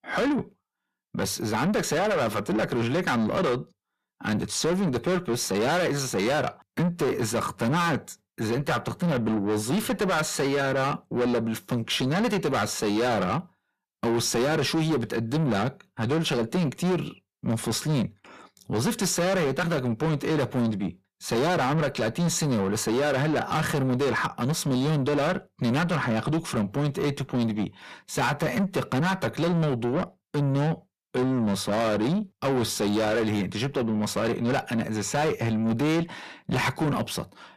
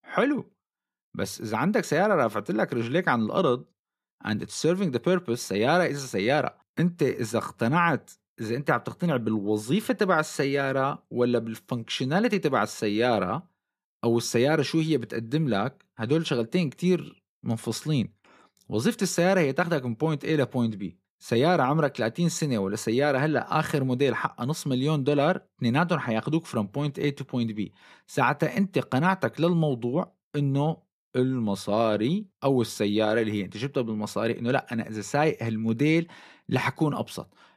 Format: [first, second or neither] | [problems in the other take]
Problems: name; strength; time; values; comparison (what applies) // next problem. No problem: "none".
second | distortion; heavy; 6 dB below the speech